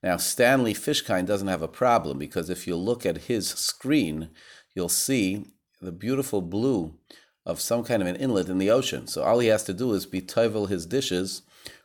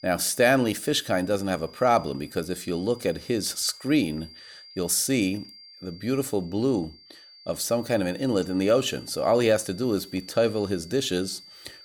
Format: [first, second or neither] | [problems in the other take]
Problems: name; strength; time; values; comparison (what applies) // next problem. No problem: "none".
first | high-pitched whine; faint; throughout; 4.5 kHz, 20 dB below the speech